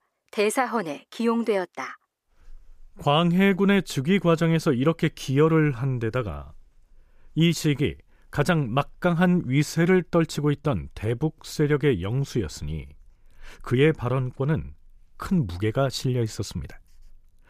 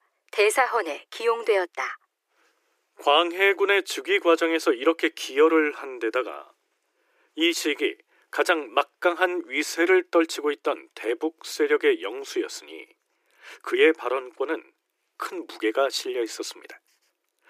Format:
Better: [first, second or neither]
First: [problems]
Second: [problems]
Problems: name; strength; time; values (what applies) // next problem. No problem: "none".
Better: first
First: none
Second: thin; very; fading below 300 Hz